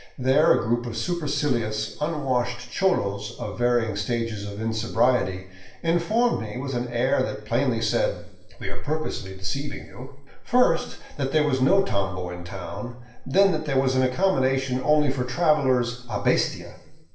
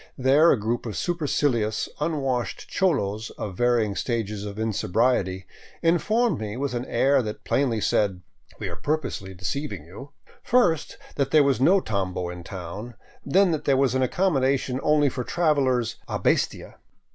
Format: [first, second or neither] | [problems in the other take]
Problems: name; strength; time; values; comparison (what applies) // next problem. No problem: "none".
second | room echo; dies away in 0.9 s